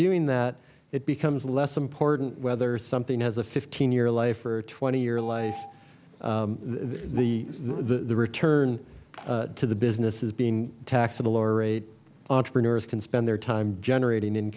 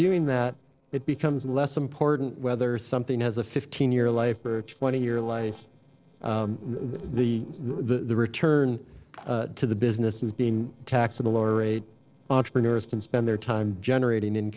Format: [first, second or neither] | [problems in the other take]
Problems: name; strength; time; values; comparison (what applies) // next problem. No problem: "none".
first | noise reduction (neural separator model SepFormer DNS4)